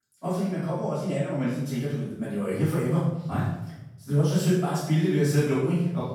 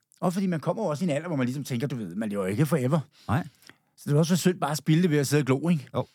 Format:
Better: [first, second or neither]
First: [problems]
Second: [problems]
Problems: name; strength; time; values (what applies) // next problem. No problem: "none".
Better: second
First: off-mic speech; far // room echo; strong; dies away in 0.8 s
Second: none